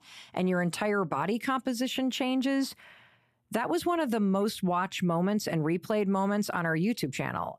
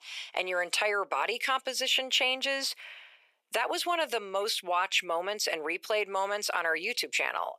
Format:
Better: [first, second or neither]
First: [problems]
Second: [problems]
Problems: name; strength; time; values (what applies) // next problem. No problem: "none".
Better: first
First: none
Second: thin; very; fading below 500 Hz